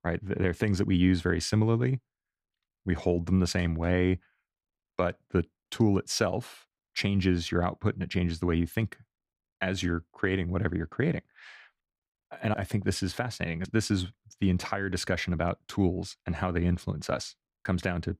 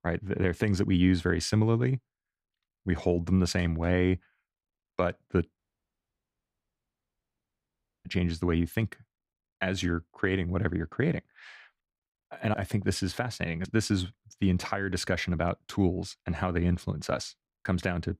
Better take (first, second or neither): first